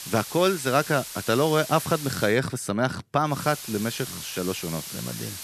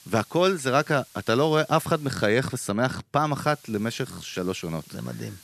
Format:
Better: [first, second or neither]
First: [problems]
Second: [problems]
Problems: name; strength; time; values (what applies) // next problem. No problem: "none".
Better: second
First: hiss; loud; until 2.5 s and from 3.5 s on; 10 dB below the speech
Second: hiss; faint; until 2.5 s and from 3.5 s on; 25 dB below the speech